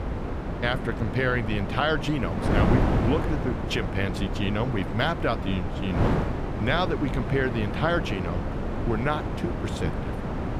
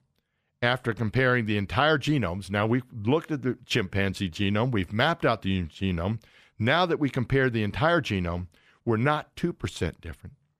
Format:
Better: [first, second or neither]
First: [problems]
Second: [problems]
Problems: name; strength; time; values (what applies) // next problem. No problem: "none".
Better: second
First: wind noise on the microphone; heavy; 4 dB below the speech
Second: none